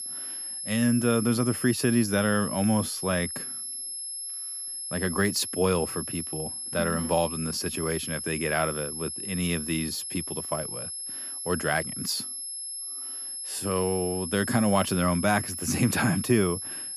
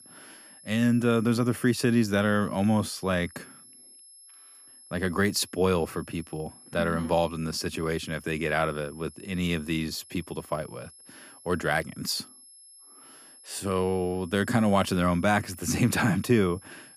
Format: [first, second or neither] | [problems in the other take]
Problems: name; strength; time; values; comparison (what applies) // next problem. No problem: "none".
second | high-pitched whine; loud; throughout; 11 kHz, 5 dB below the speech; faint in the second